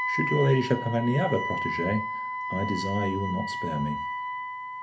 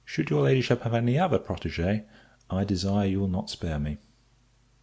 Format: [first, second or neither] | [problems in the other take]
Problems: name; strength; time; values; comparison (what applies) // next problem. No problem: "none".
second | background sound (Wind instrument, woodwind instrument); 4 dB below the speech // room echo; dies away in 0.3 s